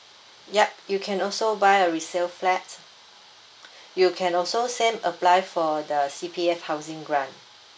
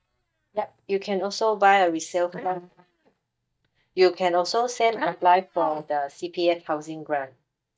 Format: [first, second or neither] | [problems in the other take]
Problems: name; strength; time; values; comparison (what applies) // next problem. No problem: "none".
first | noise reduction (neural mask model DeepFilterNet 3)